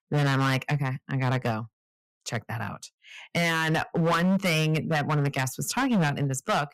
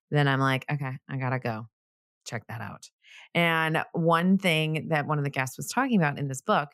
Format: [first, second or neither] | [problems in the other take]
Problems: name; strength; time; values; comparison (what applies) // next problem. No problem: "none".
second | distortion; heavy; 13% of the sound clipped